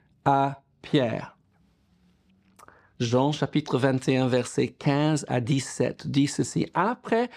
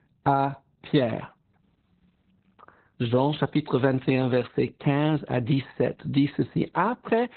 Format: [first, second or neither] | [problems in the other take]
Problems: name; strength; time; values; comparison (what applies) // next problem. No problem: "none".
first | garbled, watery; badly; nothing above 4 kHz